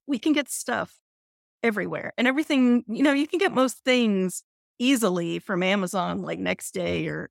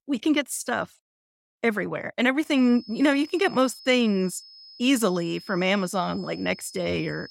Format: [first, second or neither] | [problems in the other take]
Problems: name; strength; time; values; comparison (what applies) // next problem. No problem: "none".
first | high-pitched whine; noticeable; from 2.5 s on; 5 kHz, 20 dB below the speech